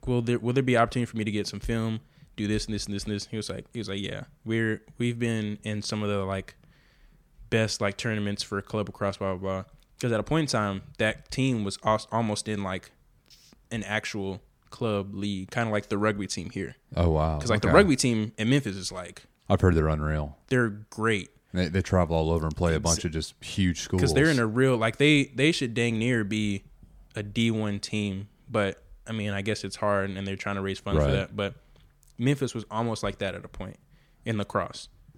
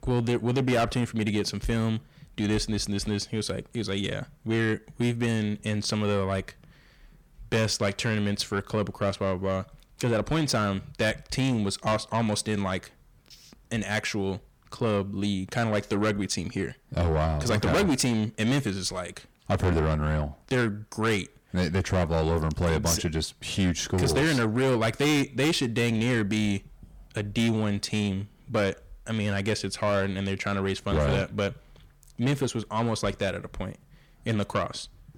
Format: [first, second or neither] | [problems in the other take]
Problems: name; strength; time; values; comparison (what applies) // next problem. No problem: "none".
first | distortion; heavy; 8 dB below the speech